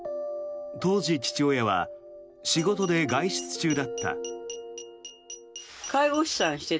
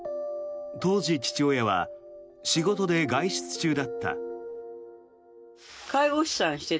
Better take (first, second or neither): second